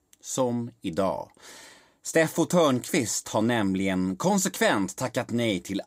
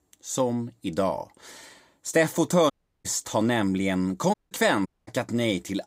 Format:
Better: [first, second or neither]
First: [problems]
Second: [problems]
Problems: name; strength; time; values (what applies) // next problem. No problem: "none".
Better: first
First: none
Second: audio cutting out; at 2.5 s, at 4.5 s and at 5 s